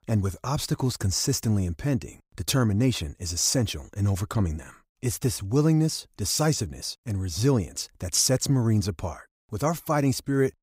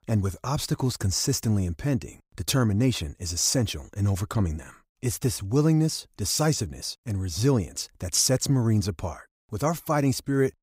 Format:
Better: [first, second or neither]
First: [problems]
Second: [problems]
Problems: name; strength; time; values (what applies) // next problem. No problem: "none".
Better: neither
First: none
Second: none